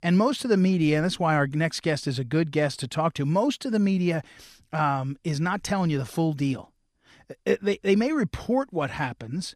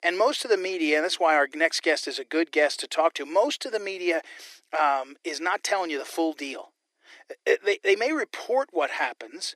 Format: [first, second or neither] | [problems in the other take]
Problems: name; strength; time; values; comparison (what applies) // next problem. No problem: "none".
first | thin; very; fading below 300 Hz